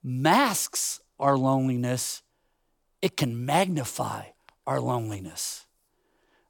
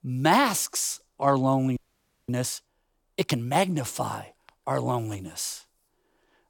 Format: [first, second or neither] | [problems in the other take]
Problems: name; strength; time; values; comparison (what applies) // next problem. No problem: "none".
first | audio freezing; at 2 s for 0.5 s